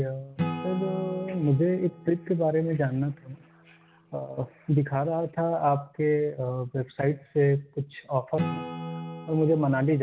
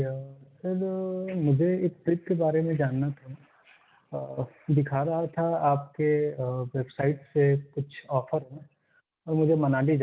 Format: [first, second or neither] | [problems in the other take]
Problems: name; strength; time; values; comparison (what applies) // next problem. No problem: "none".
second | background sound (Acoustic guitar / Strum); 12 dB below the speech